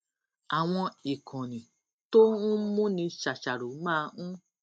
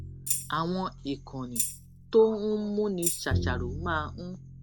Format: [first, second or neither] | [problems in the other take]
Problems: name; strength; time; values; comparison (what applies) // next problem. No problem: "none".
first | background sound (Tambourine + Bowed string instrument); 5 dB below the speech